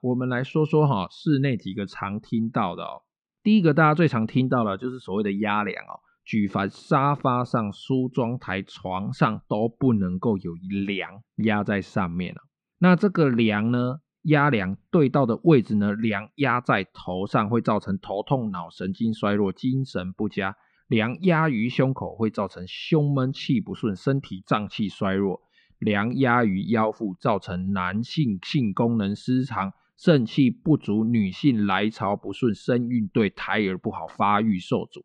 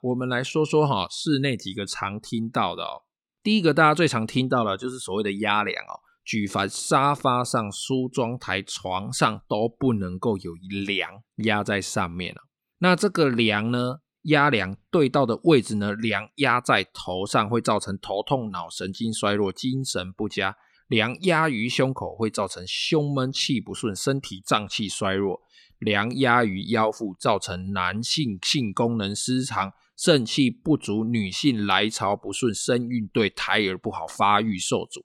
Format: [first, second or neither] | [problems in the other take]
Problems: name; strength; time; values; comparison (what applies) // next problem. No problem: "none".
second | muffled; slightly; fading above 2.5 kHz